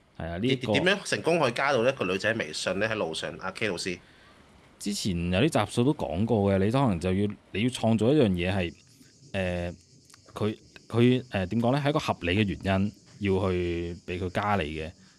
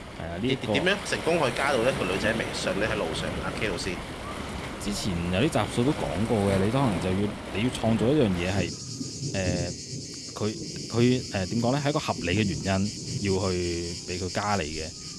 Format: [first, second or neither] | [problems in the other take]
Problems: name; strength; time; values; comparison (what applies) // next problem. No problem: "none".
first | rain or running water; loud; throughout; 6 dB below the speech; faint in the first